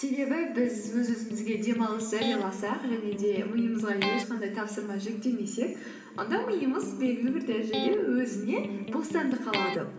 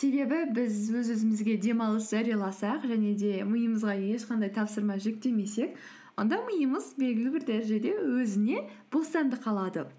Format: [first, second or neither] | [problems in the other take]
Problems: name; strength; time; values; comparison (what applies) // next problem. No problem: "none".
second | background sound (Electric guitar); 8 dB below the speech // room echo; dies away in 2.9 s